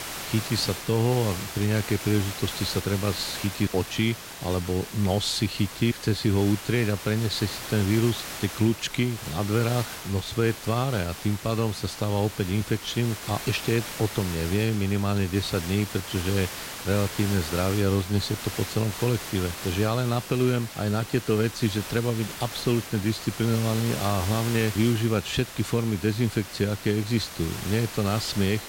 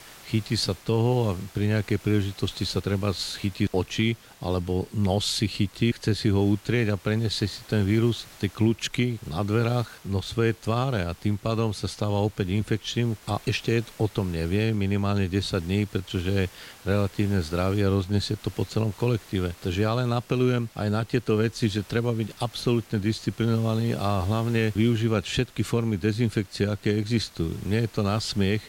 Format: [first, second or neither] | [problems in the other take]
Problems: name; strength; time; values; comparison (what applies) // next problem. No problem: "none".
second | hiss; loud; throughout; 9 dB below the speech; faint in the second